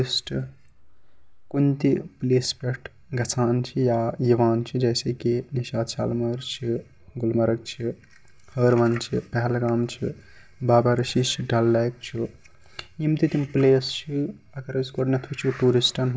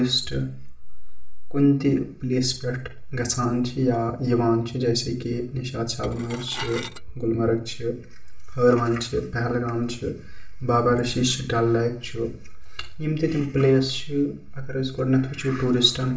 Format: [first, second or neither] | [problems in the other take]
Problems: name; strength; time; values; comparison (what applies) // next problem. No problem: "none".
first | background sound (Dishes, pots, and pans / Glass); 13 dB below the speech // room echo; dies away in 0.4 s